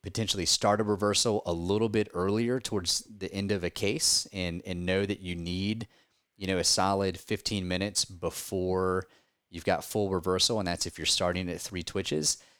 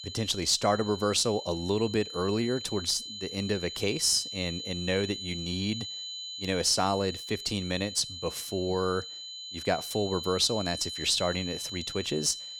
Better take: first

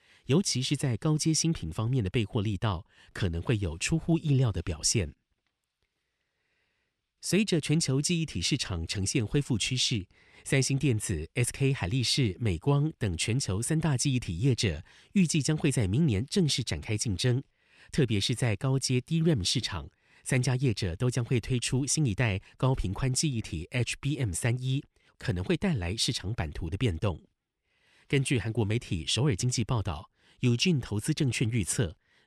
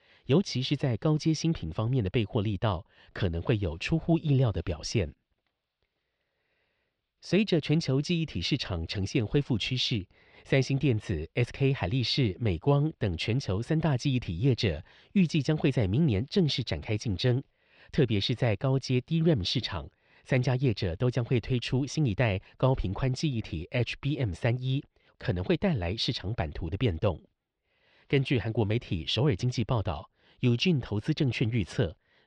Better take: first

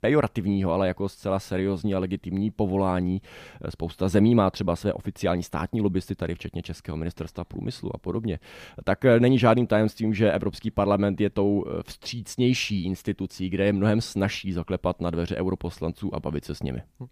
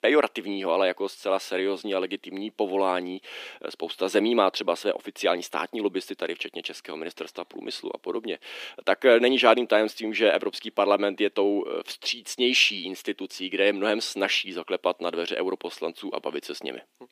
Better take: first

